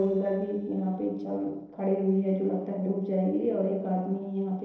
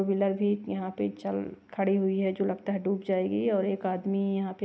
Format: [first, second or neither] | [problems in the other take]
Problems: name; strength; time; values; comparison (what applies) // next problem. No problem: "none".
second | noise reduction (neural separator model SepFormer DNS4)